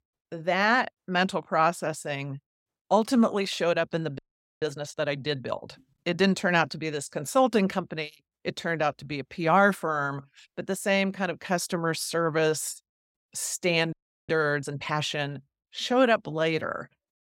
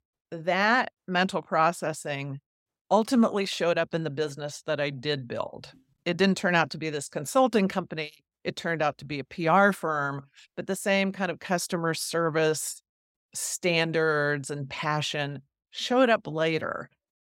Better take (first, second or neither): second